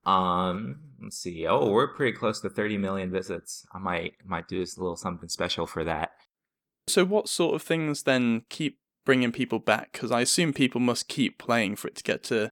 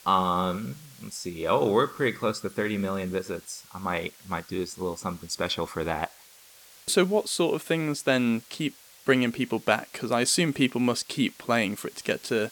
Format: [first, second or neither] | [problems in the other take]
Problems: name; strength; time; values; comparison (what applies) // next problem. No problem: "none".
first | hiss; faint; throughout; 20 dB below the speech